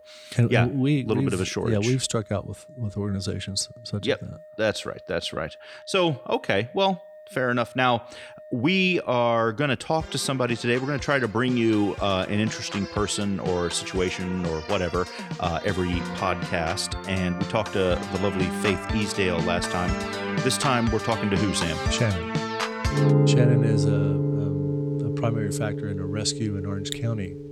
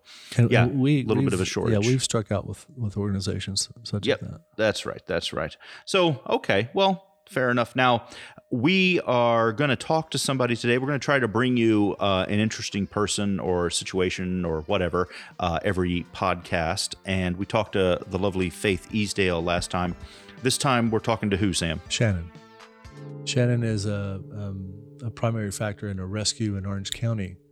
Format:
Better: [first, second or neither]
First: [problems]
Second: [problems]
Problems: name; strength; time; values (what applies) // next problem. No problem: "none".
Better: second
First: background music; loud; throughout; 3 dB below the speech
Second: background music; faint; throughout; 25 dB below the speech